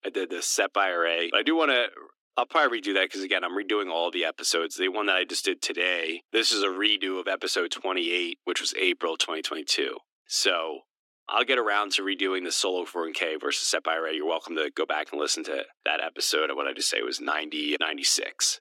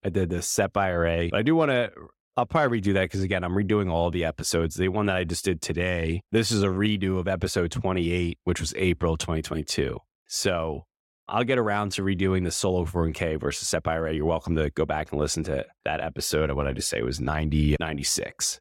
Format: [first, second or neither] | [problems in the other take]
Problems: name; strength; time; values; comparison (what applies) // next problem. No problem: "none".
second | thin; somewhat; fading below 250 Hz